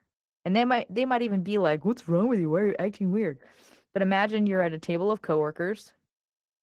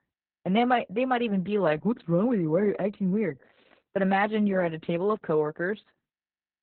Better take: first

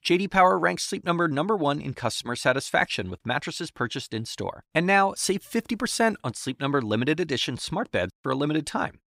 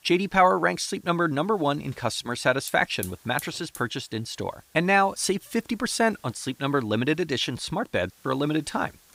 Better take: first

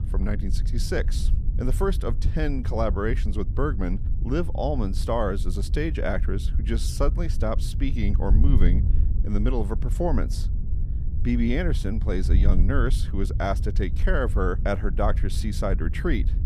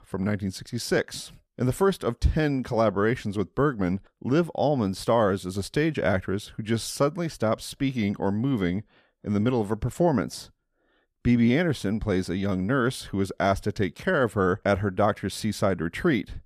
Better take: second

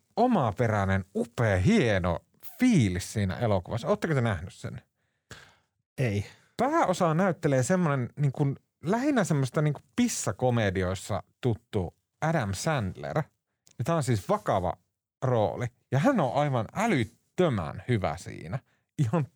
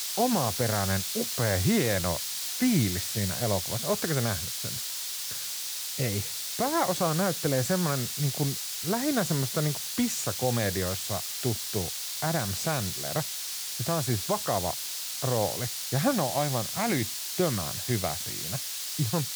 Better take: first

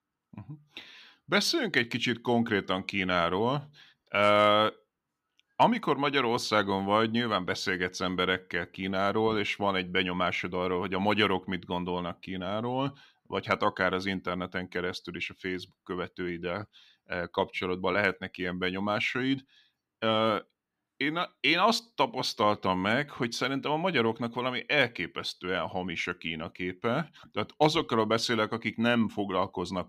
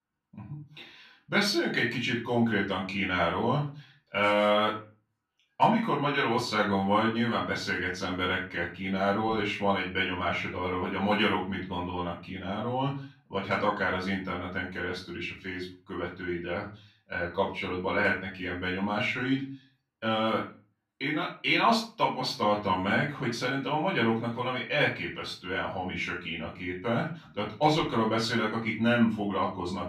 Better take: first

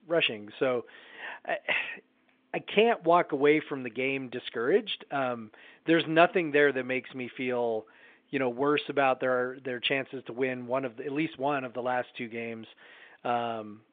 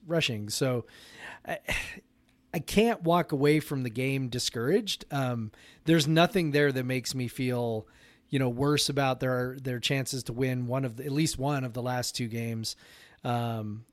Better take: second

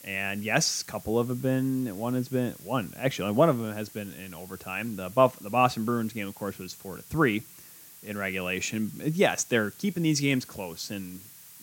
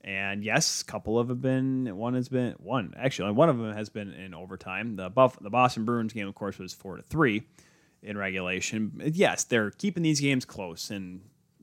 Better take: second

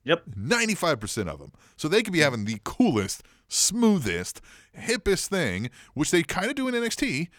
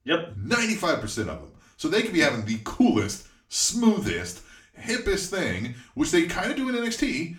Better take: first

